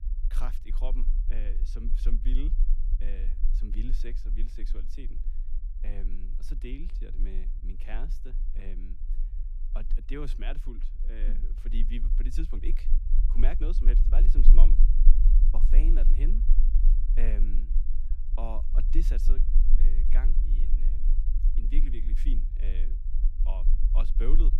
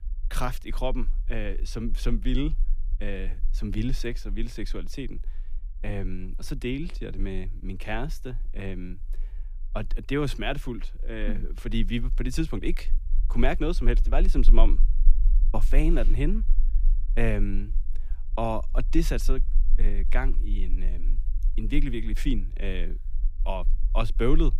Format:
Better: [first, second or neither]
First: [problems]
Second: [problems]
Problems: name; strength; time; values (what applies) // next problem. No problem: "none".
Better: second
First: low rumble; loud; throughout; 9 dB below the speech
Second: low rumble; faint; throughout; 25 dB below the speech